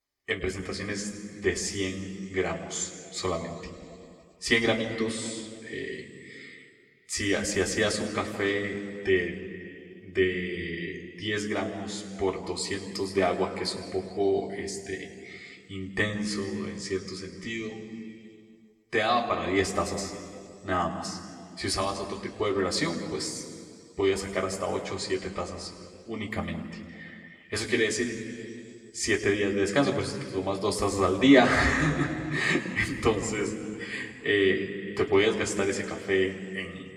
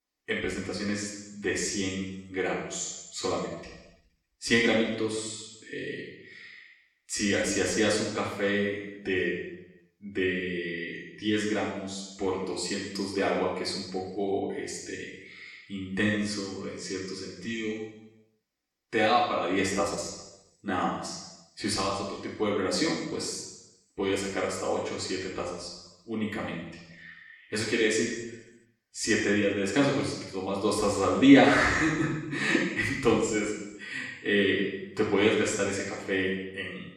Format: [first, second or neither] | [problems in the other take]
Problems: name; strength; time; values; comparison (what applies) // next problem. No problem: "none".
first | room echo; strong; dies away in 0.9 s; slight in the first // off-mic speech; far; somewhat distant in the first